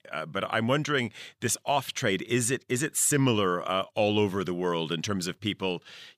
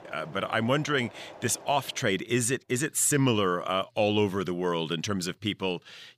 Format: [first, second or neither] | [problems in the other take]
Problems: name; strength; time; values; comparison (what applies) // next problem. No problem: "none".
first | machinery noise; faint; throughout; 20 dB below the speech